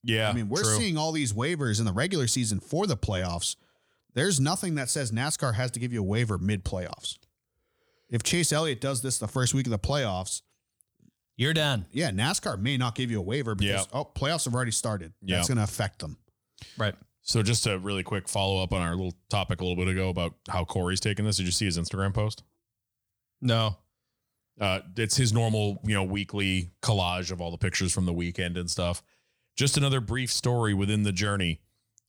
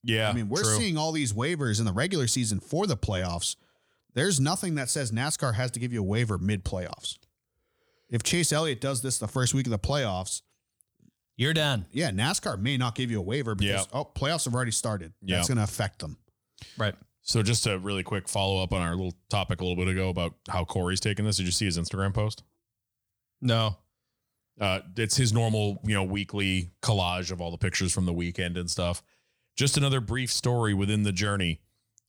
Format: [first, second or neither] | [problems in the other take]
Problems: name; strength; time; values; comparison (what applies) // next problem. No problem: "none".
neither | none